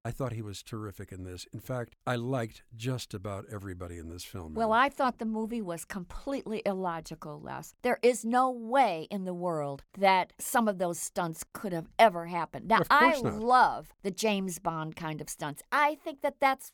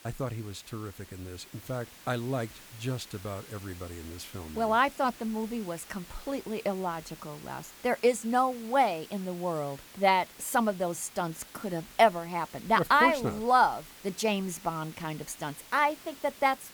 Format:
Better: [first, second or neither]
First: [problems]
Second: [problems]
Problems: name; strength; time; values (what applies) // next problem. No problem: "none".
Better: first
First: none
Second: hiss; noticeable; throughout; 20 dB below the speech